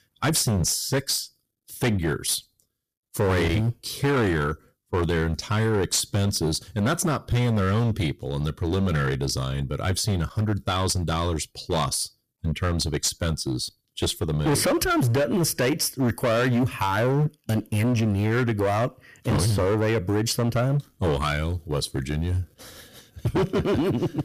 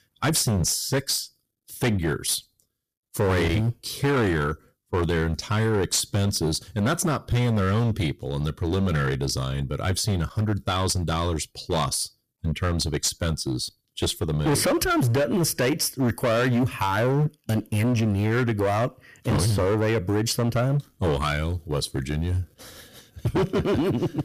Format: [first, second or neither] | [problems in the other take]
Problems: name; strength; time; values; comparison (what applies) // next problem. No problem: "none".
neither | distortion; heavy; 15% of the sound clipped; the same in both